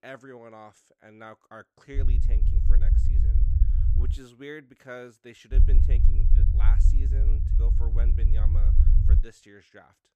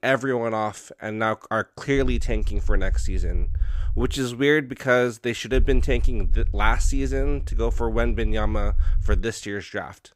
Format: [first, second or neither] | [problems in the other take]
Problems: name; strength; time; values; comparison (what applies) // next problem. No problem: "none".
second | low rumble; loud; from 2 to 4 s and from 5.5 to 9 s; as loud as the speech; faint in the second